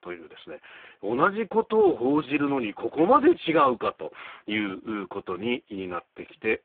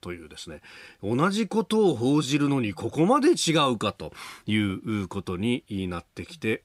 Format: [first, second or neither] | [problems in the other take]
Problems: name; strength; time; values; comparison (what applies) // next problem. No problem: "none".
second | phone-call audio; poor line